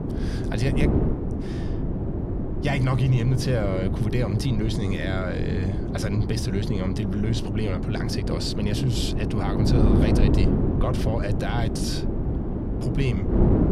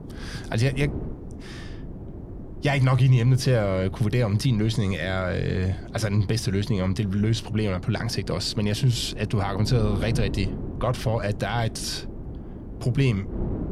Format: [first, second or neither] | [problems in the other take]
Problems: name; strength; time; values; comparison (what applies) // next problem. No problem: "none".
second | wind noise on the microphone; heavy; 1 dB below the speech; occasional gusts in the second